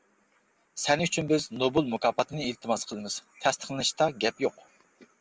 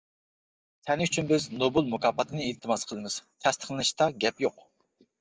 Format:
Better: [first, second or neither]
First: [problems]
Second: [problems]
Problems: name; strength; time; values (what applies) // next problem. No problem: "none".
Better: first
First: none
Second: noise reduction (neural mask model DeepFilterNet 3)